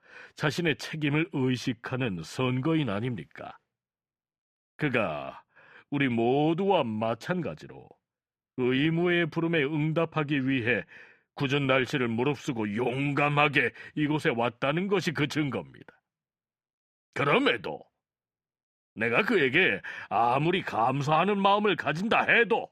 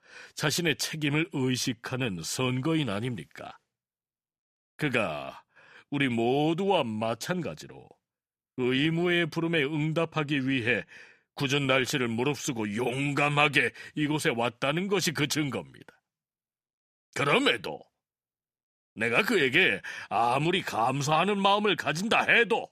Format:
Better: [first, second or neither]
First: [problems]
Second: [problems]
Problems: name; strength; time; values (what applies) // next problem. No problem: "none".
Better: second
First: muffled; slightly; fading above 4 kHz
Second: none